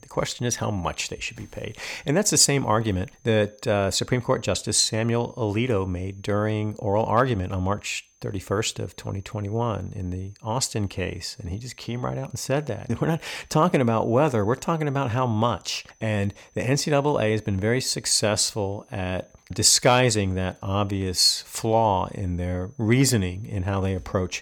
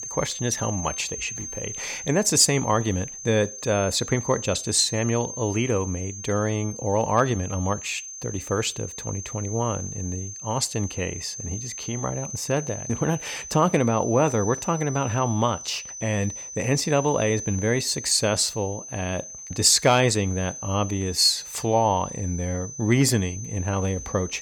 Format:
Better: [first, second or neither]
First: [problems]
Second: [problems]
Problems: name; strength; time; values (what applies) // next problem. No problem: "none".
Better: first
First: high-pitched whine; faint; throughout; 6.5 kHz, 35 dB below the speech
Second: high-pitched whine; loud; throughout; 6.5 kHz, 10 dB below the speech